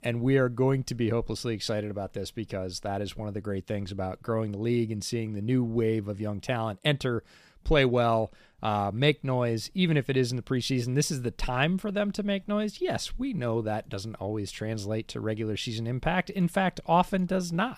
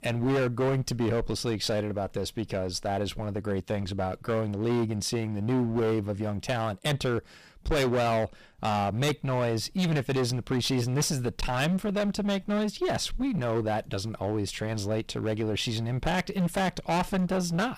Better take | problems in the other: first | distortion; heavy; 18% of the sound clipped

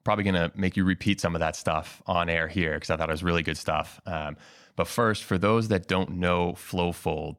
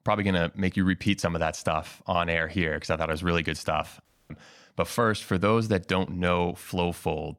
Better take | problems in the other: first | audio cutting out; at 4 s

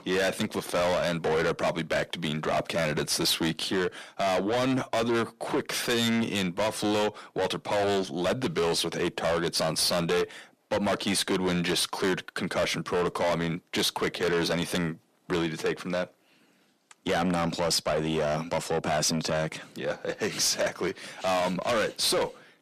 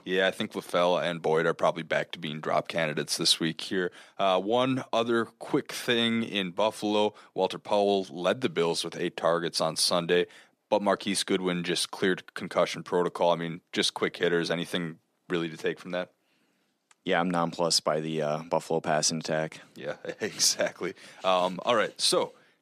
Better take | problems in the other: second | distortion; heavy; 6 dB below the speech

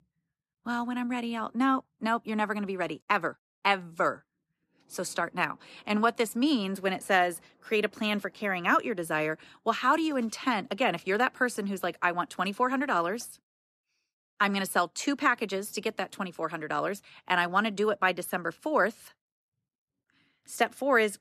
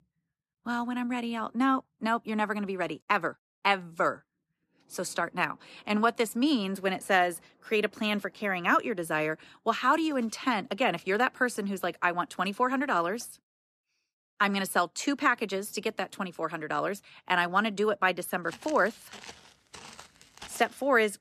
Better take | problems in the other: first | footsteps; faint; from 18 s on; peak 15 dB below the speech

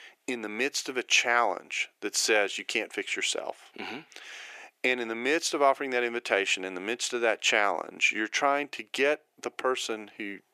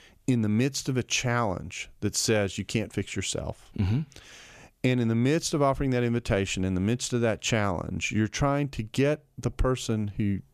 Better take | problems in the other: second | thin; very; fading below 350 Hz

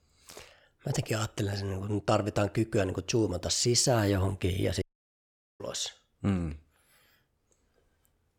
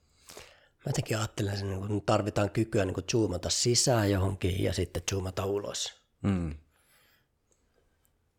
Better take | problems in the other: second | audio cutting out; at 5 s for 1 s

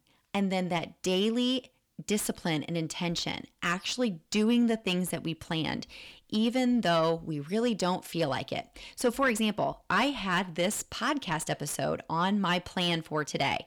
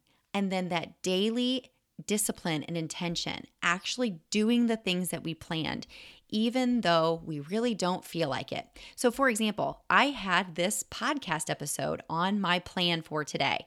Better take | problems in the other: second | distortion; slight; 10 dB below the speech

